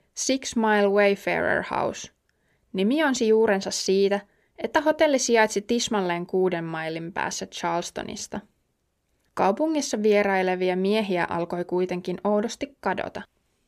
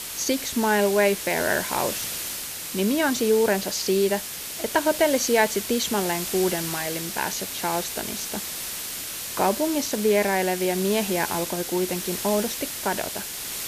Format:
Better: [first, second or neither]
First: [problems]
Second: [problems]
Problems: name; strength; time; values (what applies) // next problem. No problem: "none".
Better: first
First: none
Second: hiss; loud; throughout; 5 dB below the speech